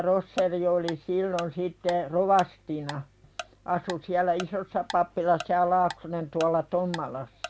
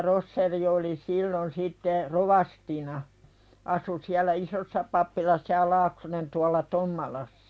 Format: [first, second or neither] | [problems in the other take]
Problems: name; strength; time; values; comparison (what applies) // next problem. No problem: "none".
second | background sound (Tick-tock); 17 dB below the speech